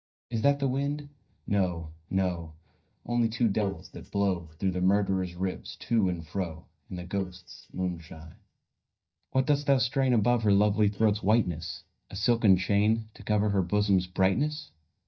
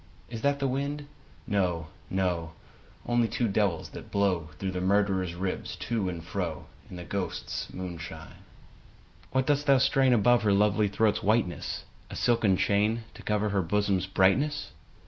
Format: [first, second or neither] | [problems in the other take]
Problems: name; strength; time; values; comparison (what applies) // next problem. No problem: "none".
second | noise reduction (neural mask model DeepFilterNet 3)